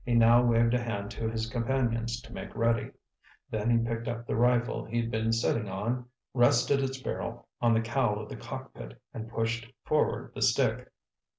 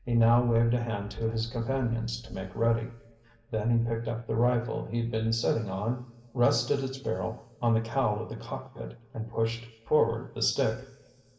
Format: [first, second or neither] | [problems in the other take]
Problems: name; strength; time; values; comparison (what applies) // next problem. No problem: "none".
first | room echo; dies away in 2.7 s